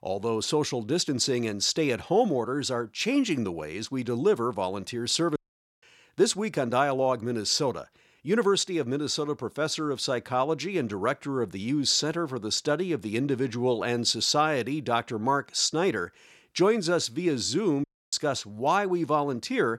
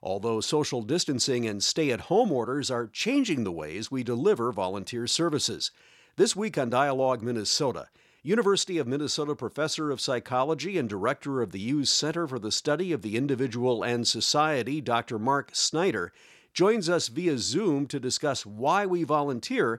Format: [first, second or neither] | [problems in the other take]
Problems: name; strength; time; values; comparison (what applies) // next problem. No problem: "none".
second | audio cutting out; at 5.5 s and at 18 s